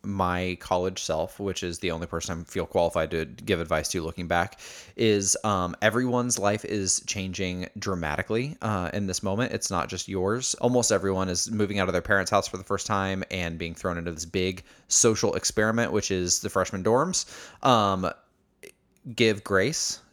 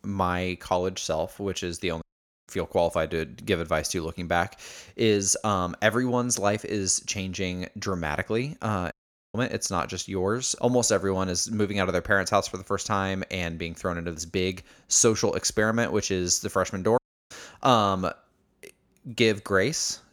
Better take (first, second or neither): first